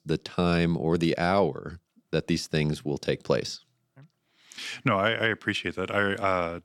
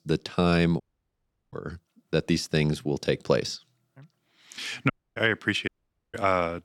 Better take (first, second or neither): first